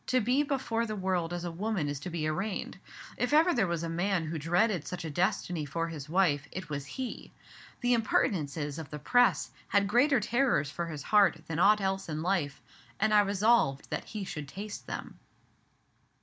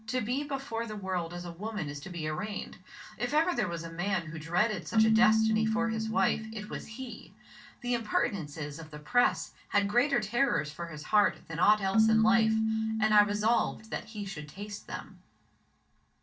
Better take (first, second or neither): first